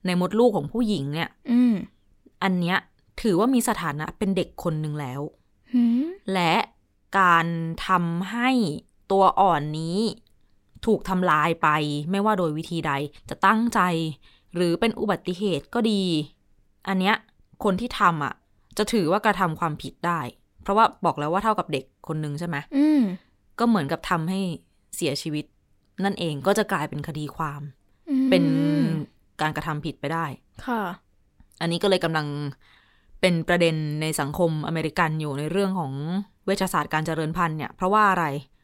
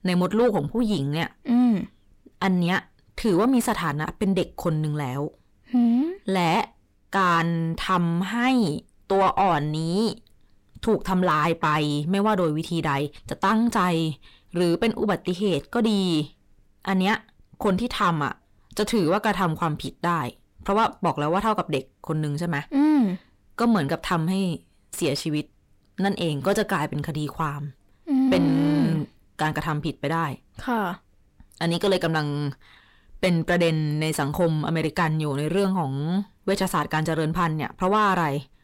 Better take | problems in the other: first | distortion; slight; 10 dB below the speech

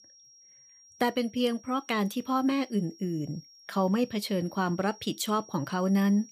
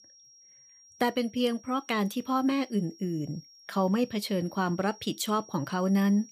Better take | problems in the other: neither | high-pitched whine; faint; throughout; 5.5 kHz, 20 dB below the speech; the same in both

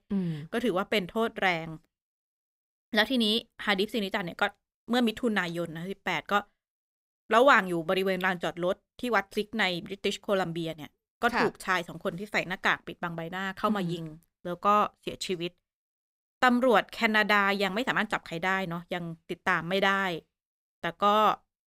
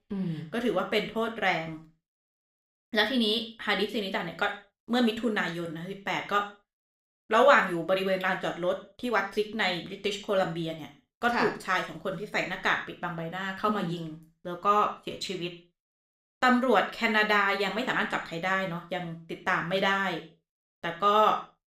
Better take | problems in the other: first | room echo; slight; dies away in 0.4 s // off-mic speech; somewhat distant

